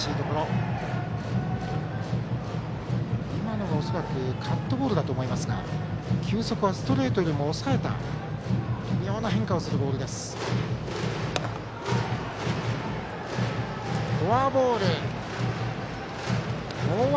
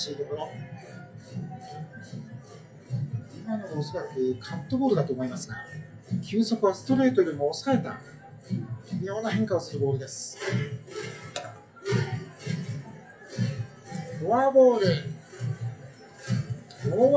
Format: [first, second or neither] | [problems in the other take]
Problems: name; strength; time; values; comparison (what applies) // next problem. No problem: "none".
first | noise reduction (classical method WPE with log-MMSE)